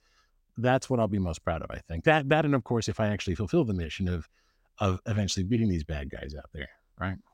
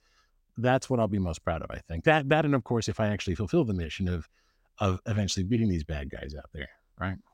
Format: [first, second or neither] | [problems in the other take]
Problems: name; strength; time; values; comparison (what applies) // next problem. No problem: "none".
neither | none